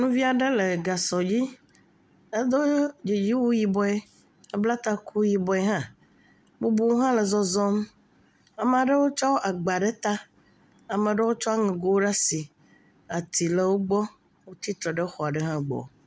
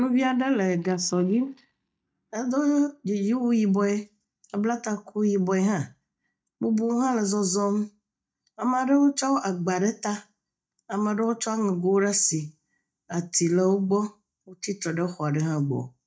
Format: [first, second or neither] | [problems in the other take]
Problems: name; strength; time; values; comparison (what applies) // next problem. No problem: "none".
first | noise reduction (neural mask model DeepFilterNet 3)